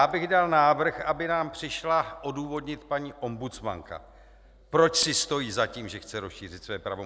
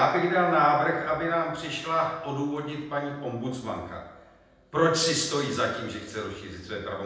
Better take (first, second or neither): first